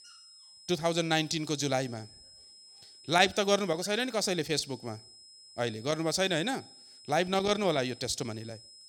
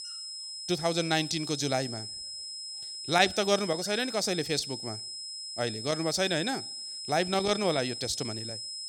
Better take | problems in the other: first | high-pitched whine; loud; throughout; 5 kHz, 7 dB below the speech; faint in the first

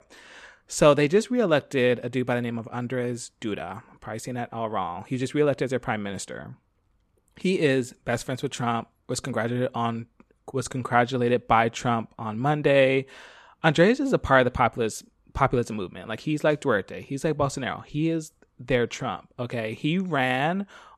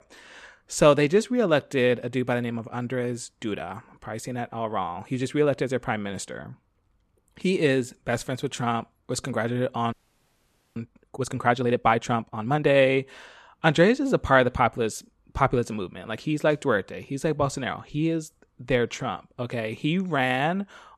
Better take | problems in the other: first | audio freezing; at 10 s for 1 s

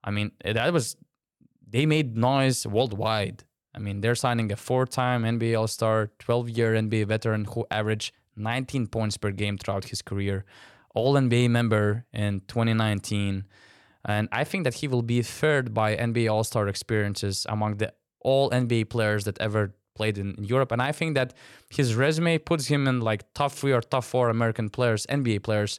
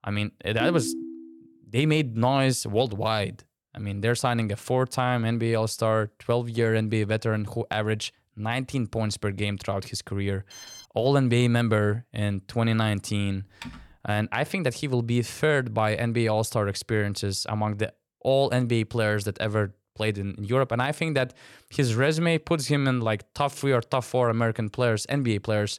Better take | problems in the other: first | phone ringing; noticeable; at 0.5 s; peak 4 dB below the speech // alarm; faint; at 11 s; peak 15 dB below the speech // keyboard typing; faint; at 14 s; peak 15 dB below the speech

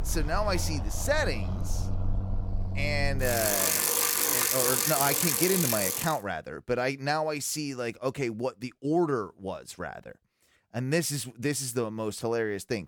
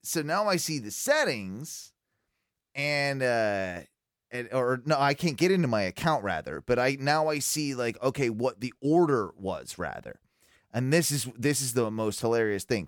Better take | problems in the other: second | traffic noise; very loud; until 6 s; 3 dB above the speech

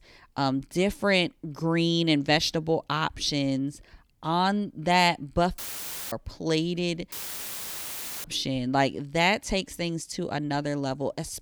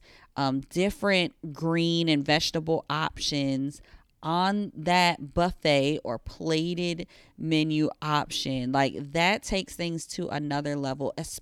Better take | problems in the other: second | audio cutting out; filled with static; at 5.5 s for 0.5 s and at 7 s for 1 s

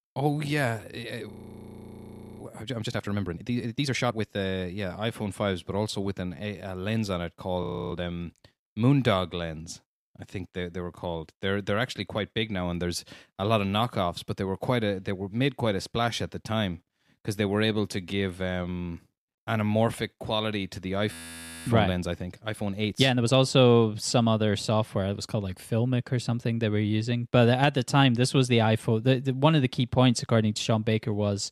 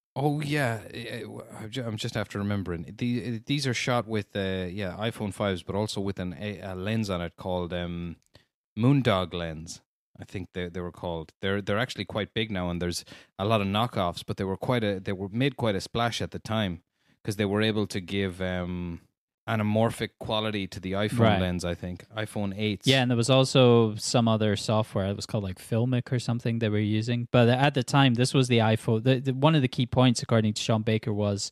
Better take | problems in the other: second | audio freezing; at 1.5 s for 1 s, at 7.5 s and at 21 s for 0.5 s

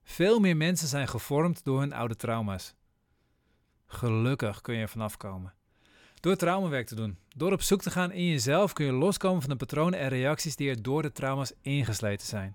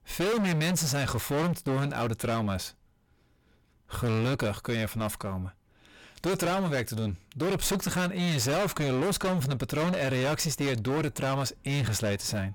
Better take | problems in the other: first | distortion; heavy; 27% of the sound clipped

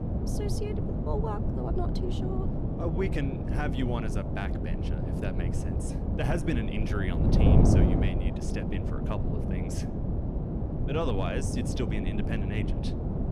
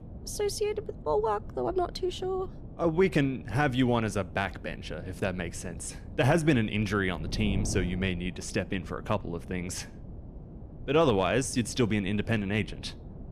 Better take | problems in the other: second | wind noise on the microphone; heavy; as loud as the speech; occasional gusts in the second

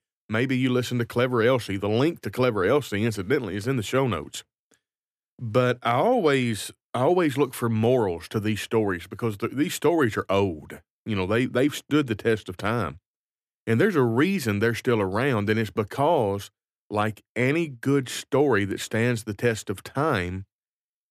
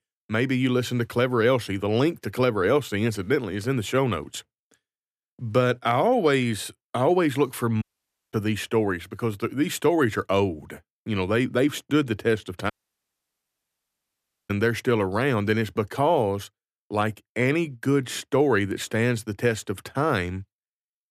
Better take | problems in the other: first | audio cutting out; at 8 s for 0.5 s and at 13 s for 2 s

